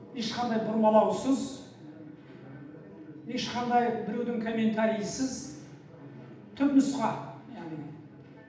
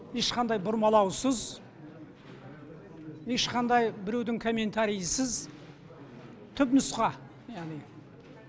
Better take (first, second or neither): second